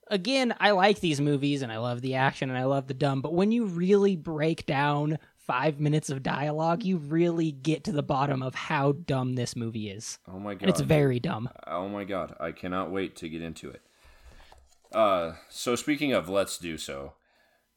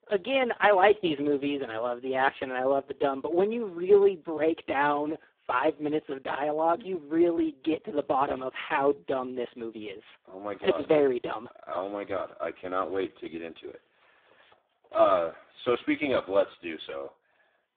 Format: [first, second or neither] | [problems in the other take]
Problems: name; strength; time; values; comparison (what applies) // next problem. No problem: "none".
first | phone-call audio; poor line